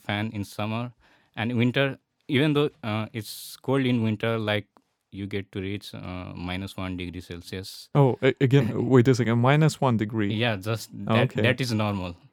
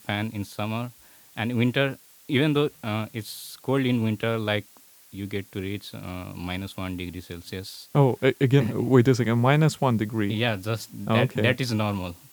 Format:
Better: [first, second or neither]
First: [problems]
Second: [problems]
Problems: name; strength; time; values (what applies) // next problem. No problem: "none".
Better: first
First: none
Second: hiss; faint; throughout; 25 dB below the speech